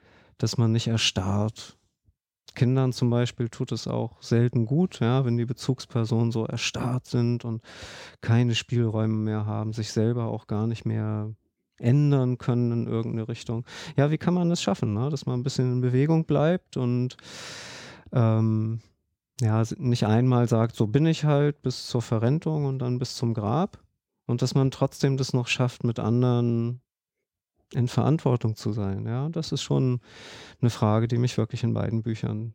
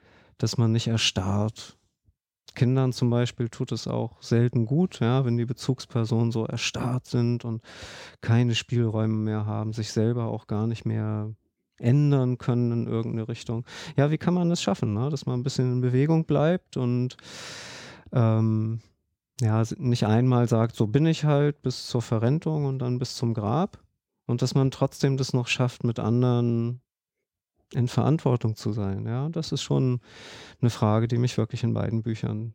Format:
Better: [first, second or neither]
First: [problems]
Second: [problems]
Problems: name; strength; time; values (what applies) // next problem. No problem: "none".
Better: neither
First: none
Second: none